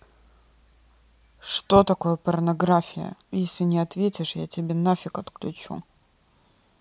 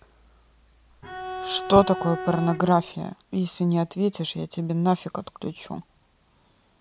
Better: first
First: none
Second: background sound (Bowed string instrument); 8 dB below the speech

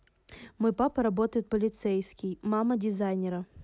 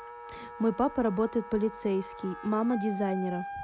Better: first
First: none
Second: background sound (Wind instrument, woodwind instrument); 12 dB below the speech

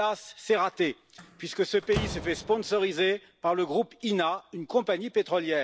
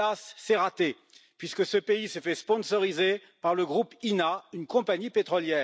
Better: second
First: background sound (Slam); 15 dB below the speech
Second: none

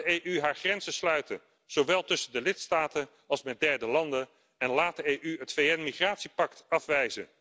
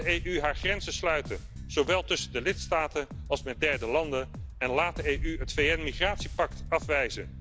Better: first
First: none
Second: background sound (Wind + Bass guitar); 8 dB below the speech

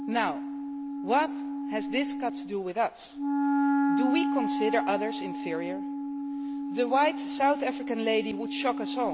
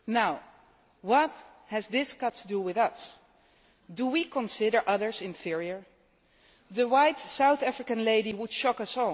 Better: second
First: background sound (Wind instrument, woodwind instrument); as loud as the speech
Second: none

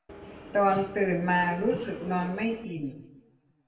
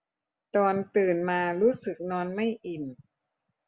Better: second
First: background sound (Subway, metro, underground); 14 dB below the speech // room echo; dies away in 0.7 s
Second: none

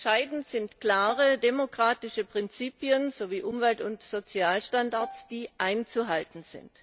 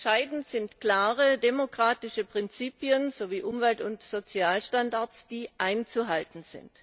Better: second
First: background sound (Bowed string instrument); 16 dB below the speech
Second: none

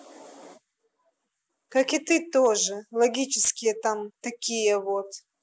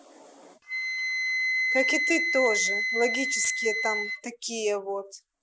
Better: first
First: none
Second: background sound (Wind instrument, woodwind instrument); 2 dB above the speech

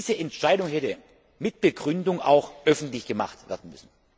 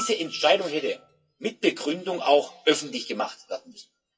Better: first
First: none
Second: noise reduction (classical method WPE with log-MMSE)

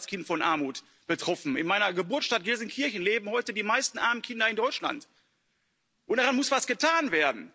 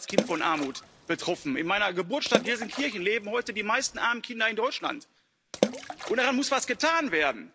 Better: first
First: none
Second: background sound (Water / Splash, splatter); 6 dB below the speech

